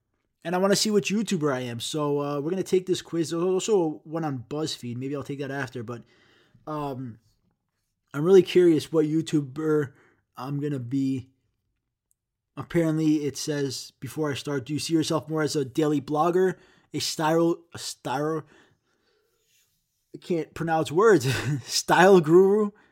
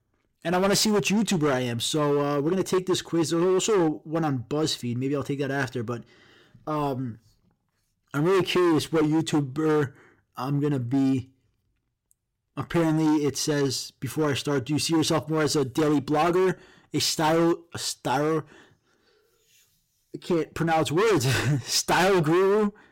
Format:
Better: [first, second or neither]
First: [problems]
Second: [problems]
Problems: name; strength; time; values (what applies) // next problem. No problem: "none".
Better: first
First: none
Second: distortion; heavy; 14% of the sound clipped